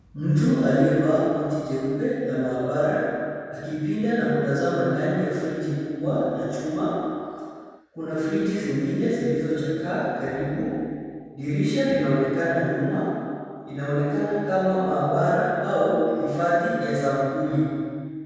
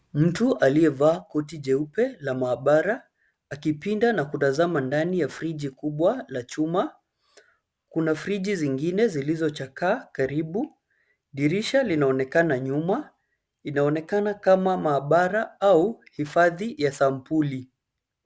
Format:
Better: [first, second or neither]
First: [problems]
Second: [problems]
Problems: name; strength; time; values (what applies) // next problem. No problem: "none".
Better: second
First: room echo; dies away in 2.1 s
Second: none